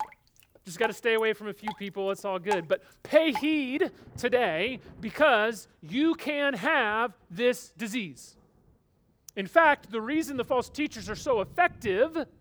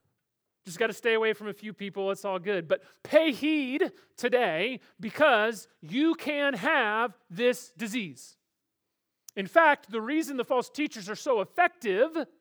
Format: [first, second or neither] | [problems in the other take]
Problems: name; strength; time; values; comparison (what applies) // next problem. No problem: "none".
second | rain or running water; noticeable; throughout; 15 dB below the speech